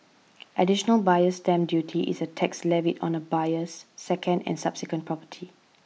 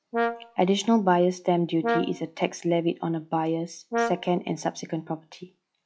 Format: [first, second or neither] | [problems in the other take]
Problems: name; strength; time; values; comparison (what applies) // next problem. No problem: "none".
first | noise reduction (classical method log-MMSE)